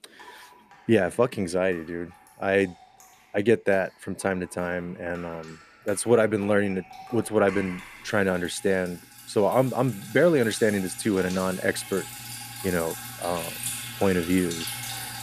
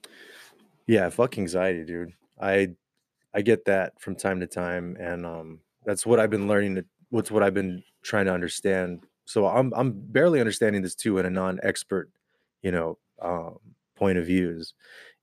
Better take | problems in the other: second | rain or running water; noticeable; throughout; 10 dB below the speech

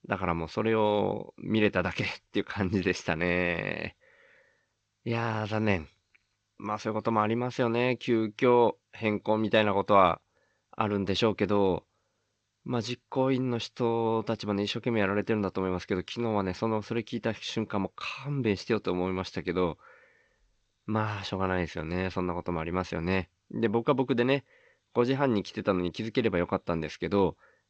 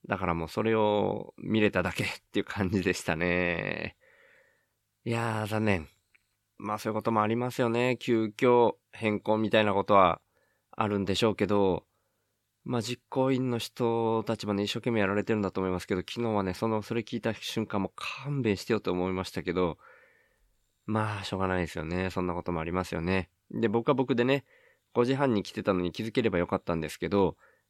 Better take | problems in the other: second | garbled, watery; slightly

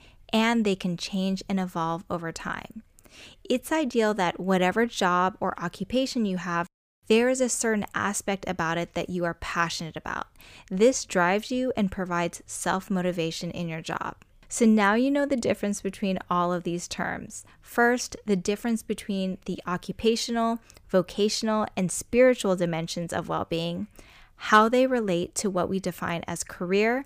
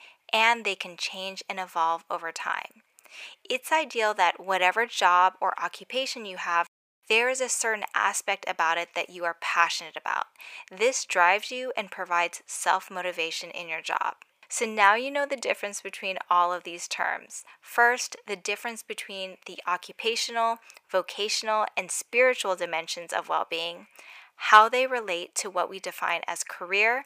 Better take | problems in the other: first | thin; very; fading below 700 Hz

